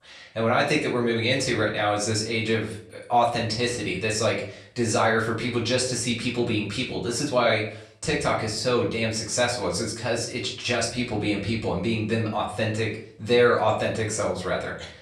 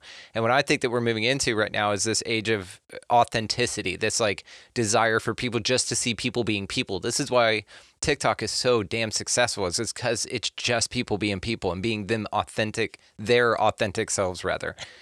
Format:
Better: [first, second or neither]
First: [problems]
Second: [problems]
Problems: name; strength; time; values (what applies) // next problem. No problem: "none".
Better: second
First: off-mic speech; far // room echo; slight; dies away in 0.5 s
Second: none